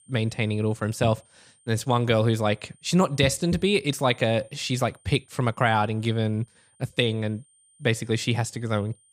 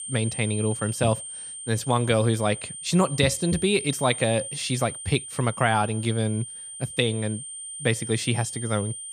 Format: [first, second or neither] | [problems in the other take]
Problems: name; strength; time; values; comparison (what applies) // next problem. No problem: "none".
first | high-pitched whine; loud; throughout; 9 kHz, 9 dB below the speech; faint in the first